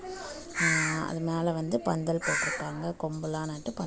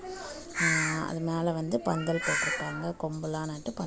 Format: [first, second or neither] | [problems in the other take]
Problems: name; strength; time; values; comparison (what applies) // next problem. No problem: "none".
first | background sound (Meow); 11 dB below the speech